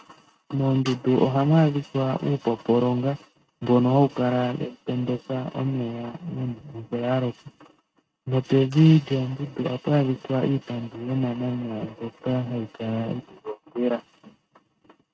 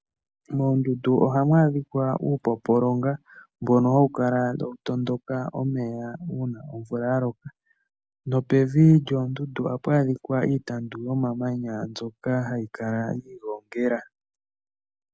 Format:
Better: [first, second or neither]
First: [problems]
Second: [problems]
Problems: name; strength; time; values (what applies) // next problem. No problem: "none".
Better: second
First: noise reduction (neural mask model RNNoise)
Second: none